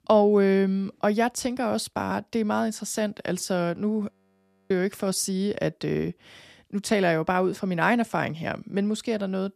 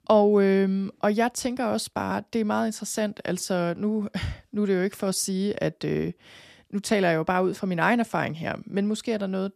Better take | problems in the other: second | audio freezing; at 4 s for 0.5 s

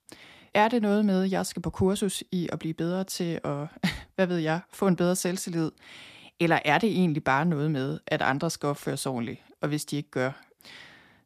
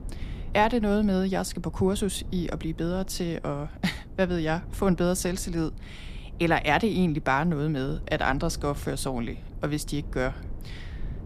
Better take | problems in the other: first | low rumble; faint; throughout; 25 dB below the speech

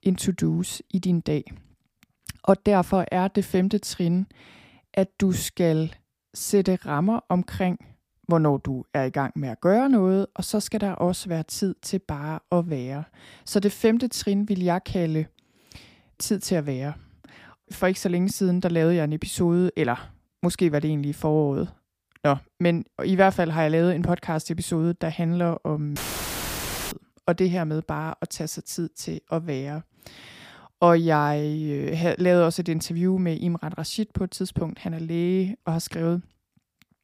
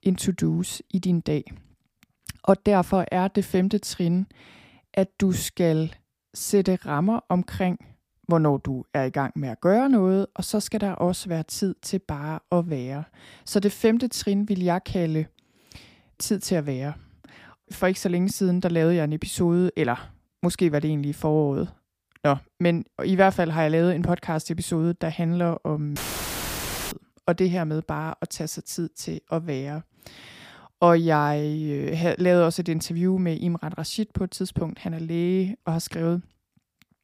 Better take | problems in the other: neither | audio cutting out; filled with static; at 26 s for 1 s; the same in both

